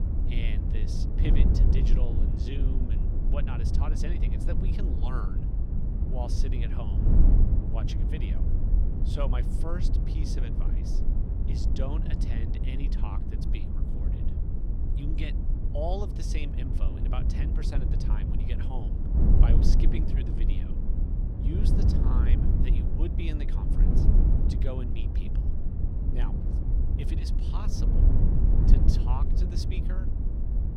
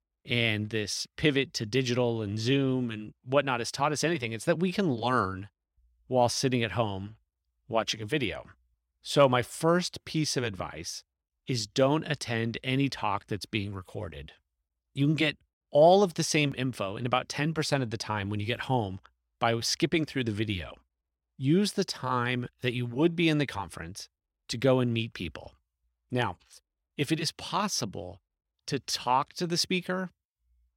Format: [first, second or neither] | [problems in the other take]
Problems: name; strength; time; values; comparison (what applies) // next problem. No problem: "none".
second | wind noise on the microphone; heavy; as loud as the speech